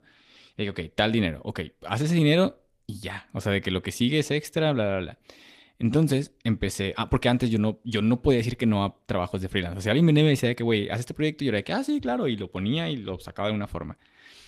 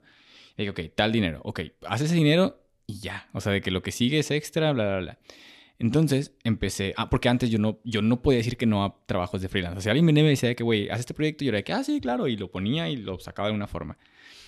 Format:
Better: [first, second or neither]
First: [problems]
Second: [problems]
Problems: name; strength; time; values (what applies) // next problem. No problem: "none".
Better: second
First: garbled, watery; slightly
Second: none